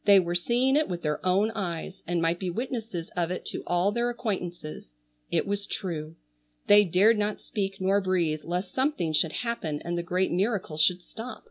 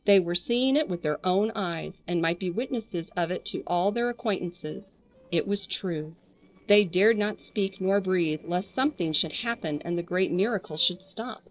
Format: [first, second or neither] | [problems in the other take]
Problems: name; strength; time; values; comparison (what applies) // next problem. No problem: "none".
first | noise reduction (neural separator model SepFormer DNS4)